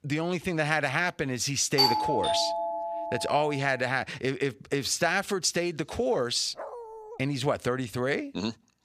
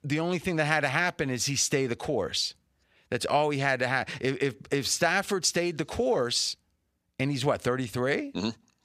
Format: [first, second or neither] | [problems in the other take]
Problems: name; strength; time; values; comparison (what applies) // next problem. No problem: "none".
second | doorbell; loud; from 2 to 3.5 s; peak 5 dB above the speech // dog barking; faint; at 6.5 s; peak 10 dB below the speech